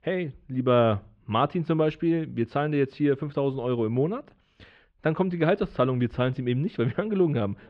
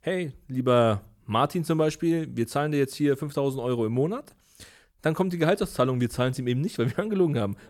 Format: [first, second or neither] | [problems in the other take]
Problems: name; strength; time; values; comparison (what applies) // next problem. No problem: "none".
second | muffled; very; fading above 3 kHz